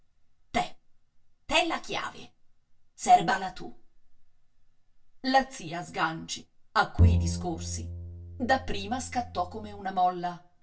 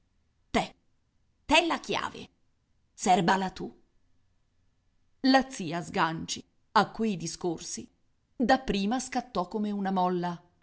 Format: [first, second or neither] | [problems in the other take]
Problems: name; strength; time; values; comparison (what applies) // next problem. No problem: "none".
second | background sound (Bowed string instrument); 1 dB above the speech // room echo; dies away in 0.2 s